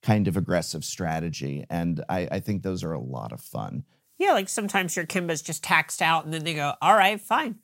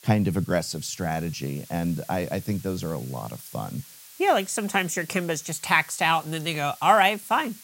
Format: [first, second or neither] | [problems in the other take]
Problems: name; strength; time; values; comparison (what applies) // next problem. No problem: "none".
first | hiss; noticeable; throughout; 20 dB below the speech